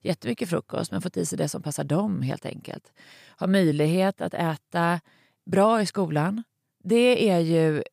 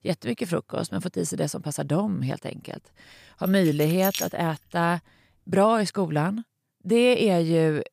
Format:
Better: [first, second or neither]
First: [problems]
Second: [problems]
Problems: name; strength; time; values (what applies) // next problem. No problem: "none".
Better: first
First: none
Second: jangling keys; noticeable; at 3.5 s; peak 5 dB below the speech